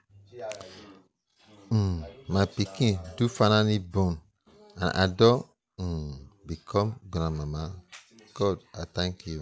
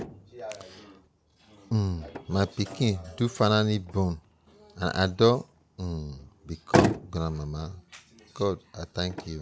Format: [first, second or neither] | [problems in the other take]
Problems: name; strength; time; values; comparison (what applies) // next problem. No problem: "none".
first | background sound (Motor vehicle (road)); 6 dB below the speech